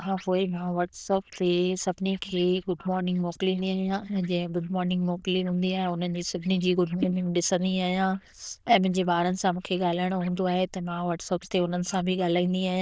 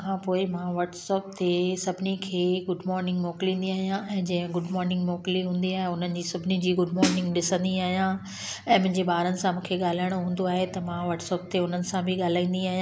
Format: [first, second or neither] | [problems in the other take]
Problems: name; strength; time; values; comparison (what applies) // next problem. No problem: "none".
second | noise reduction (neural diffusion model UNIVERSE++)